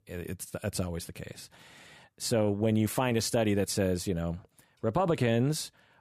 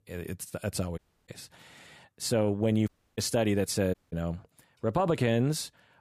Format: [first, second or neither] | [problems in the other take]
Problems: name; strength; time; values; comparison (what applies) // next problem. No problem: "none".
first | audio cutting out; at 1 s, at 3 s and at 4 s